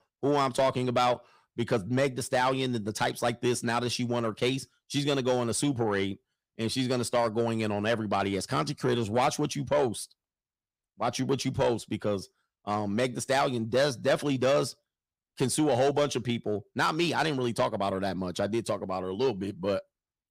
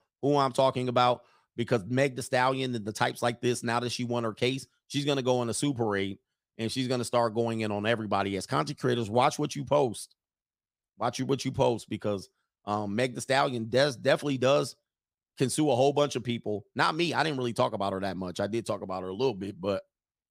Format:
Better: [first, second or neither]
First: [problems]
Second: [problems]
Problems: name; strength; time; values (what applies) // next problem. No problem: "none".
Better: second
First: distortion; slight; 10 dB below the speech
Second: none